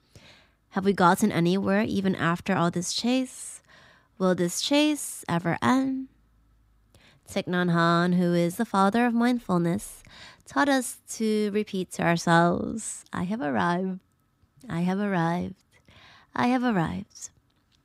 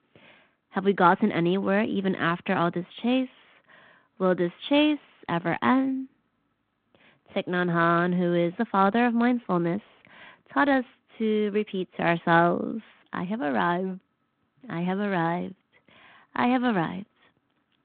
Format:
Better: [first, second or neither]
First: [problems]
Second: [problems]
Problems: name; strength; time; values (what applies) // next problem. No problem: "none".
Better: first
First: none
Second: phone-call audio